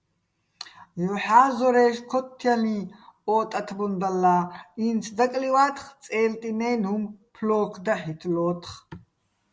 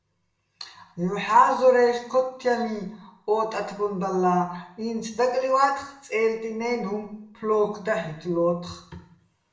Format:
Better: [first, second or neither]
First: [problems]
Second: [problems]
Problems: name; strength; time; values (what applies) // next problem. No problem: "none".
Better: first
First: none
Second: room echo; dies away in 0.6 s